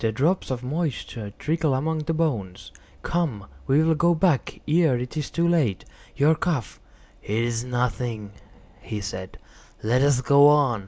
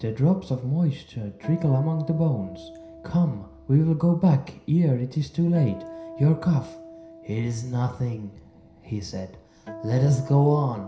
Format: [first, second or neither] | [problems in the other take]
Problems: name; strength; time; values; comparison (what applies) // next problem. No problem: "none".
first | background sound (Acoustic guitar); 18 dB below the speech // room echo; dies away in 0.5 s